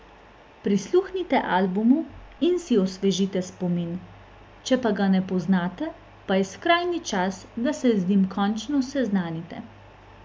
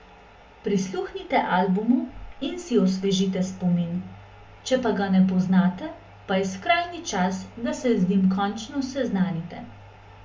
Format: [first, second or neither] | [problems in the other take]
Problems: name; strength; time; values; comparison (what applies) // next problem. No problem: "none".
first | room echo; dies away in 0.2 s